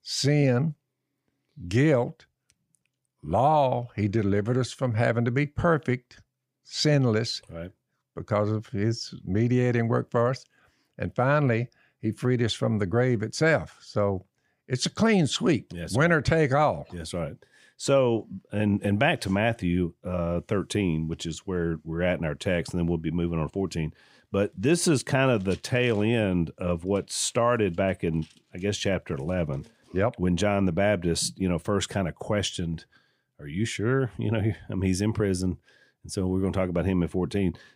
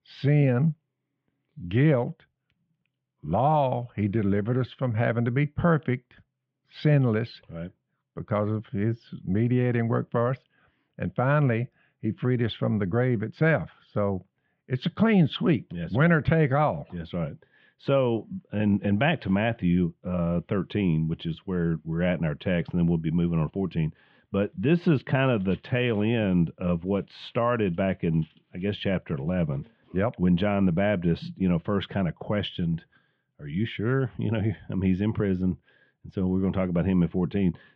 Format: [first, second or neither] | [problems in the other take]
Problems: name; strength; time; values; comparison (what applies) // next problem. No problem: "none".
first | muffled; very; fading above 3.5 kHz